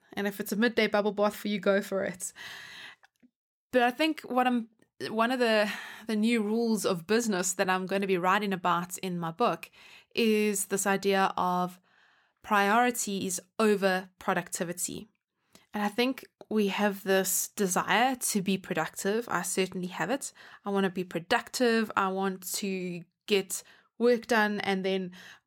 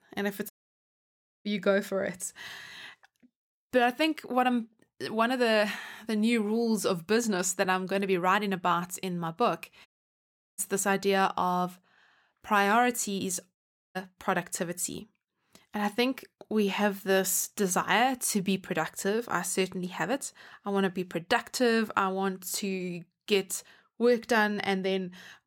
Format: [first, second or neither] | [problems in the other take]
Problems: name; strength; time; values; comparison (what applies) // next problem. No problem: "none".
first | audio cutting out; at 0.5 s for 1 s, at 10 s for 0.5 s and at 14 s